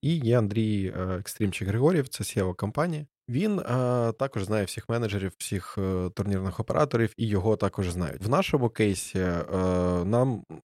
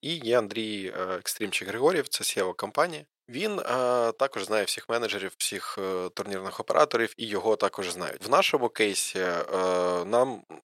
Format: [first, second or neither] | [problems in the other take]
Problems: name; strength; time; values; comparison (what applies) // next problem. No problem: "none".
first | thin; very; fading below 500 Hz